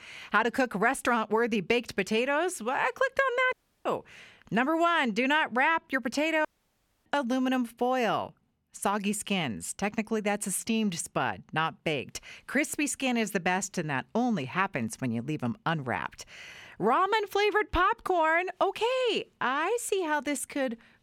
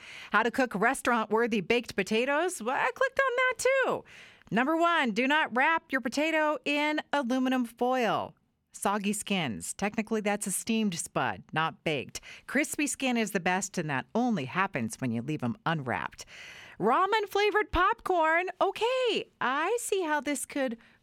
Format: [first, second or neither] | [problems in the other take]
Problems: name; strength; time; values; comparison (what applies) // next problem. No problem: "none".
second | audio cutting out; at 3.5 s and at 6.5 s for 0.5 s